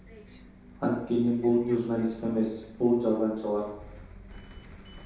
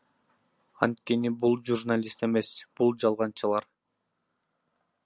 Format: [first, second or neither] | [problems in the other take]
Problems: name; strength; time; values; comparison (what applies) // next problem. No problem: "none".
second | background sound (Bus); 19 dB below the speech // room echo; dies away in 0.8 s